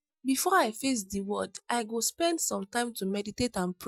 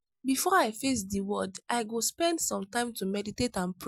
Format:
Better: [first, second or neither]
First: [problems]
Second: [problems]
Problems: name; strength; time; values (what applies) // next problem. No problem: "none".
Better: second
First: noise reduction (neural mask model DeepFilterNet 3)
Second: none